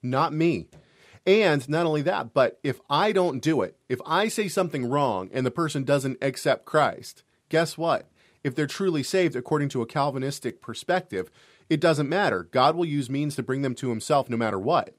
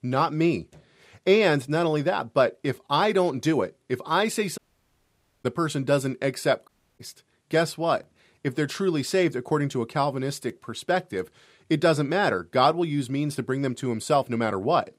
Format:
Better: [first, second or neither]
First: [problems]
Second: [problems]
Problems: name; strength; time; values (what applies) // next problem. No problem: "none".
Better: first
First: none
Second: audio cutting out; at 4.5 s for 1 s and at 6.5 s